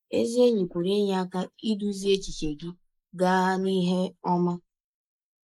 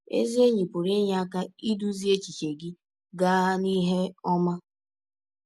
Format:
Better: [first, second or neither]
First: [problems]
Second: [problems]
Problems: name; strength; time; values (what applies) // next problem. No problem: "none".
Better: second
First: noise reduction (neural mask model Resemble Enhance denoiser)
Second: none